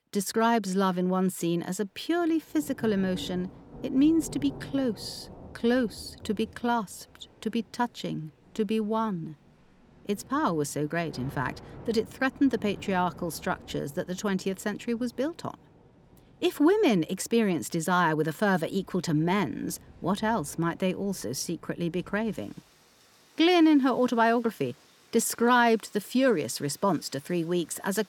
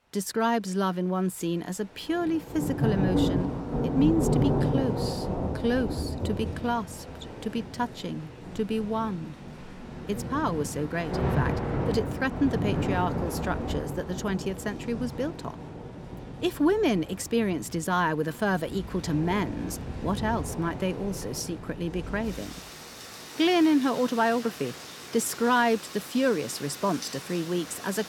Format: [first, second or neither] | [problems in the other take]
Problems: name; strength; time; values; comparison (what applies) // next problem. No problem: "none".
first | rain or running water; loud; throughout; 5 dB below the speech; faint in the first